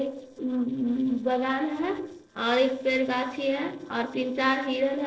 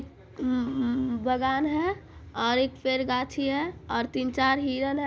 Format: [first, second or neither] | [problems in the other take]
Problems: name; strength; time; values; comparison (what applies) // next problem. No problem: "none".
second | noise reduction (neural separator model SepFormer DNS4)